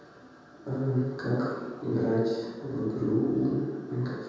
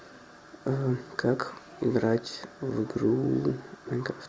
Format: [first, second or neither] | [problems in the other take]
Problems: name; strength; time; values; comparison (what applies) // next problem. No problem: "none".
second | room echo; dies away in 1.2 s